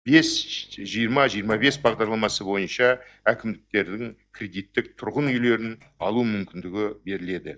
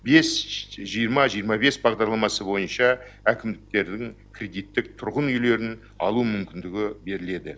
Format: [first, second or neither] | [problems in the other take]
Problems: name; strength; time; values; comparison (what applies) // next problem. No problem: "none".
second | noise reduction (neural mask model DeepFilterNet 3)